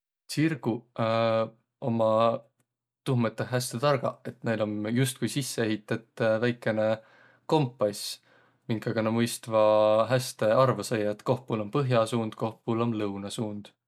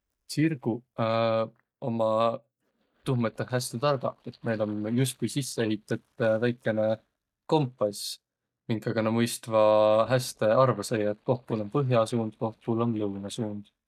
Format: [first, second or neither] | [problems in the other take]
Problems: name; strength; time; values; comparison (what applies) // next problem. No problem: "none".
first | noise reduction (neural mask model DeepFilterNet 3)